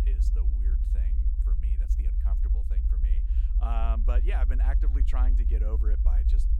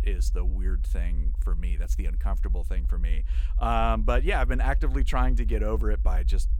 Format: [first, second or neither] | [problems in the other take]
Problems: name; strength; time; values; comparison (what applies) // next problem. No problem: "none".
second | low rumble; loud; throughout; 7 dB below the speech; faint in the second